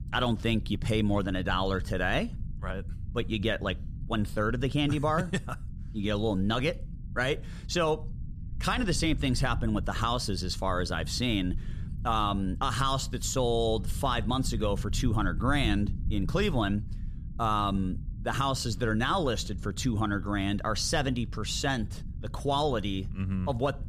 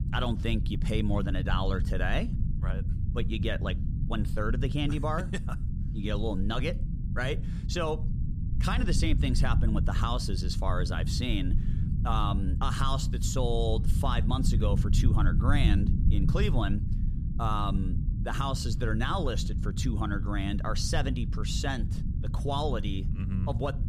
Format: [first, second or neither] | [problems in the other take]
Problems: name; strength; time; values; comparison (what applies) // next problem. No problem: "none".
first | low rumble; loud; throughout; 10 dB below the speech; faint in the first